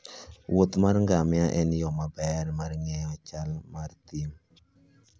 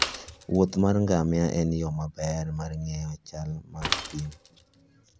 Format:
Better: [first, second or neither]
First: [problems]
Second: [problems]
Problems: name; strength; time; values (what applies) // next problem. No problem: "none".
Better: first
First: none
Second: background sound (Mechanisms / Bicycle); 10 dB below the speech